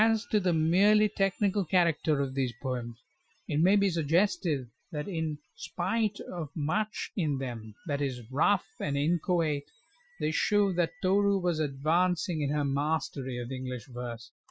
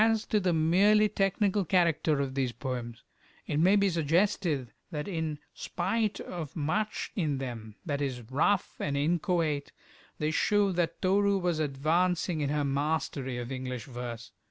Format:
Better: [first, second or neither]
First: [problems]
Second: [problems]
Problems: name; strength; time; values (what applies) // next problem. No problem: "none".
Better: second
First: noise reduction (classical method Wiener filter)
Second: none